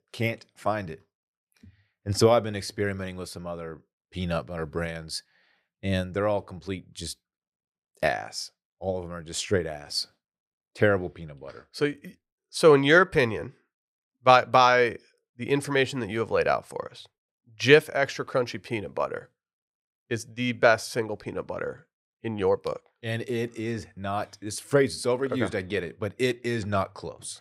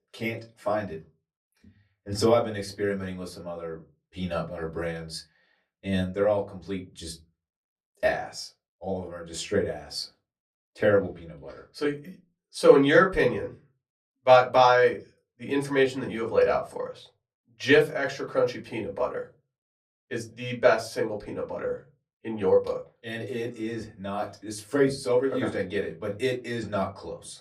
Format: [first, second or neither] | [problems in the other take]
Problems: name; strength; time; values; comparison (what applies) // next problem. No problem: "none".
first | off-mic speech; far // room echo; very slight; dies away in 0.2 s